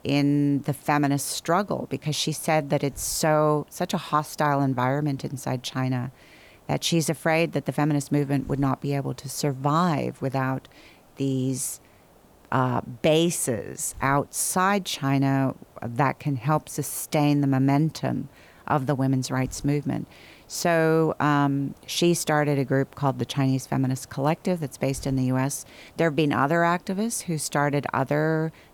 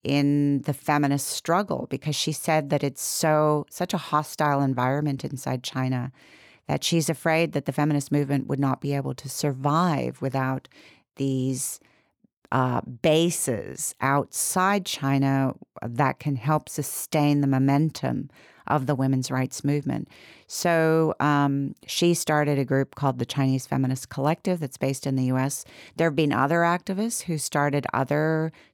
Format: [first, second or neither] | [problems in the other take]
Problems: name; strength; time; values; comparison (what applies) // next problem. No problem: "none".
second | hiss; faint; throughout; 30 dB below the speech